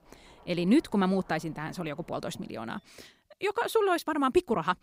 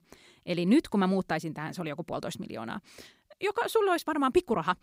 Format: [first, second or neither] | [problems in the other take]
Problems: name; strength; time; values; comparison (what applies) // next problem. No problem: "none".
second | household noises; faint; until 2.5 s; 30 dB below the speech